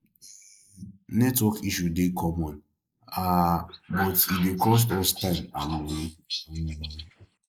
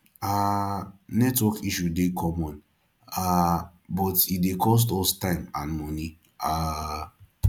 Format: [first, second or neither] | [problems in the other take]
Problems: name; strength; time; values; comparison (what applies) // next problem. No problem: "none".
second | noise reduction (neural mask model Resemble Enhance denoiser)